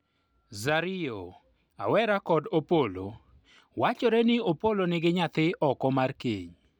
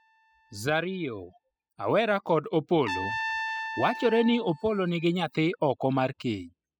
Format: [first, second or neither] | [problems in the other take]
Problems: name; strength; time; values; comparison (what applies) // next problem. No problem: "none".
first | noise reduction (classical method spectral subtraction)